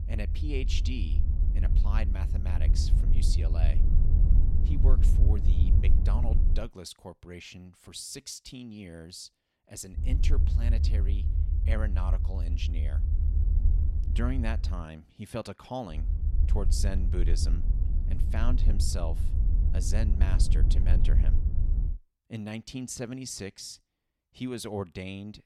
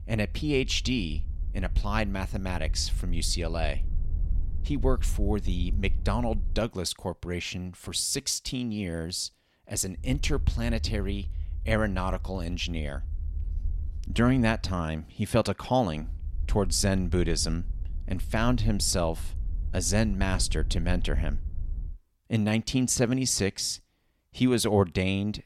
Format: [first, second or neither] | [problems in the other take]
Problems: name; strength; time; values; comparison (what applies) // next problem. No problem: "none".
second | low rumble; loud; until 6.5 s, from 10 to 15 s and from 16 to 22 s; 6 dB below the speech; faint in the second